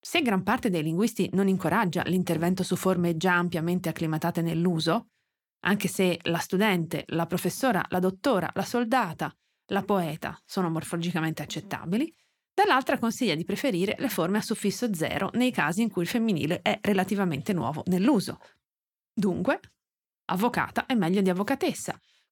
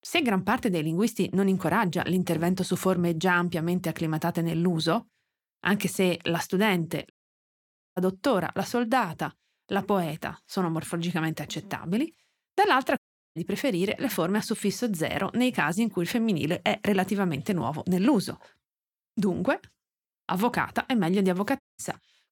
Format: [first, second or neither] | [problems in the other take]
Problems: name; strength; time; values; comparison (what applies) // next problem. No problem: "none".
first | audio cutting out; at 7 s for 1 s, at 13 s and at 22 s